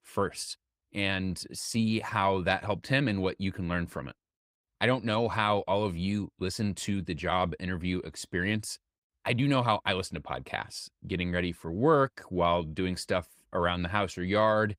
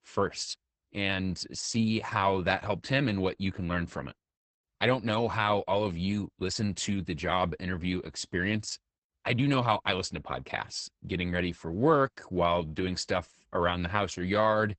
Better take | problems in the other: first | garbled, watery; badly; nothing above 8 kHz; slightly in the first

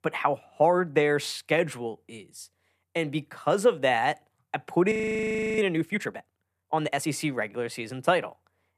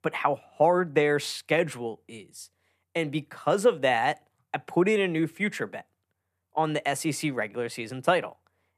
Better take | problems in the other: second | audio freezing; at 5 s for 0.5 s

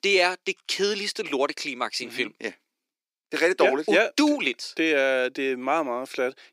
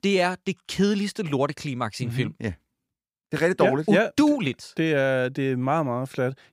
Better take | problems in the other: second | thin; very slightly; fading below 300 Hz

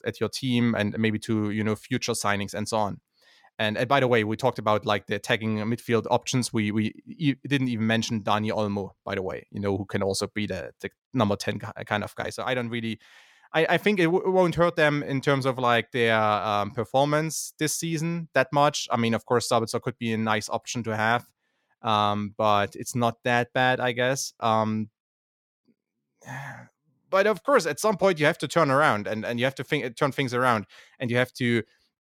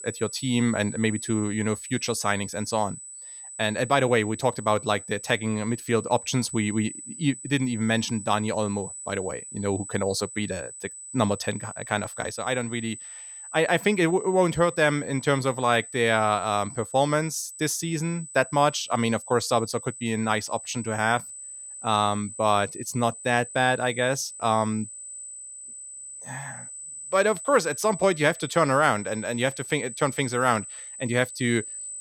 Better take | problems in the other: first | high-pitched whine; noticeable; throughout; 8 kHz, 10 dB below the speech

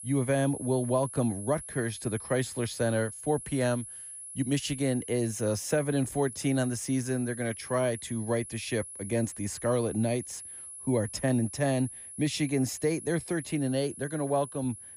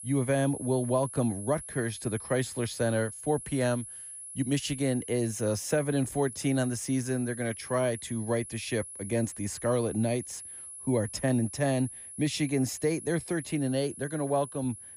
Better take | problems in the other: neither | high-pitched whine; noticeable; throughout; 10.5 kHz, 10 dB below the speech; the same in both

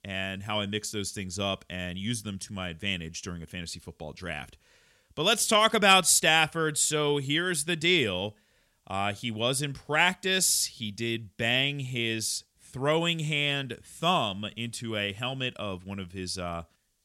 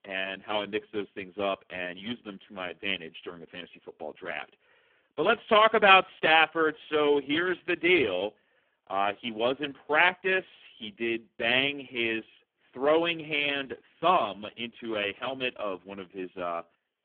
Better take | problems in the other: first | phone-call audio; poor line; nothing above 3.5 kHz

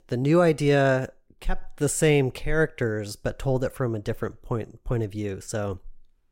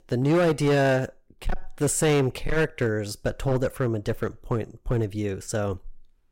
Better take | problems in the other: first | distortion; slight; 9% of the sound clipped

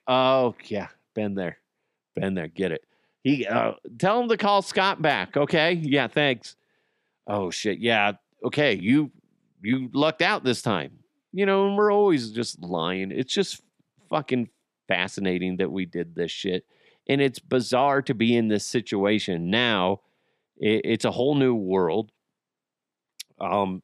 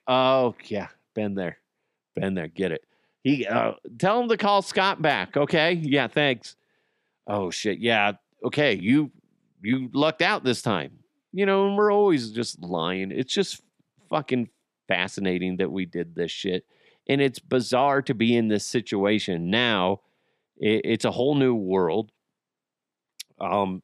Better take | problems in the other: neither | none

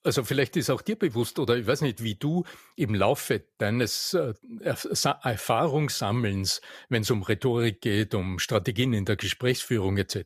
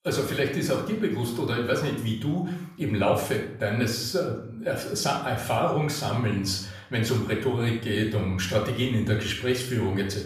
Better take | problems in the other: first | off-mic speech; far // room echo; noticeable; dies away in 0.6 s

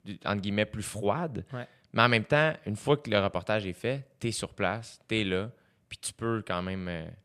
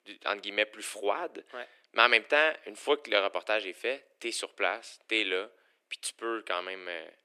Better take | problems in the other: first | thin; very; fading below 300 Hz

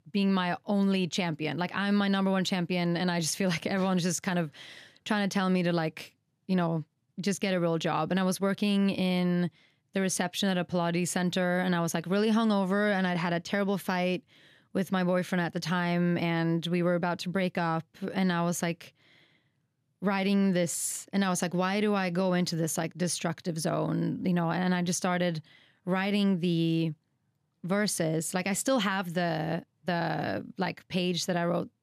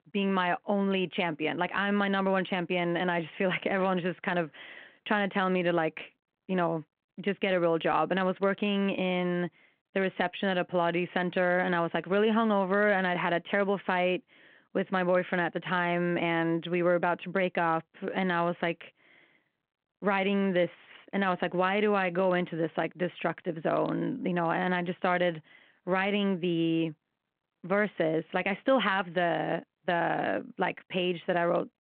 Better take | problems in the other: first | phone-call audio

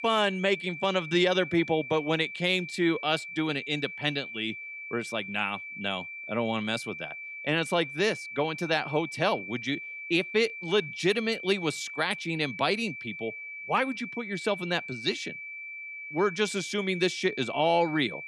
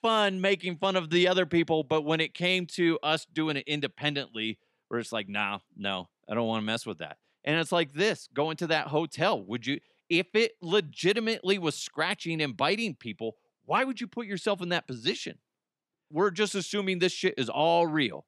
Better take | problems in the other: second | high-pitched whine; loud; throughout; 2.5 kHz, 9 dB below the speech

